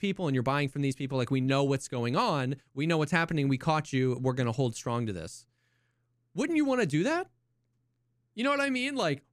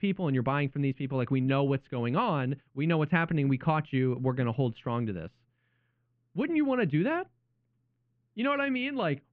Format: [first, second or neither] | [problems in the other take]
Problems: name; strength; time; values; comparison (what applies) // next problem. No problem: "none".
first | muffled; very; fading above 3 kHz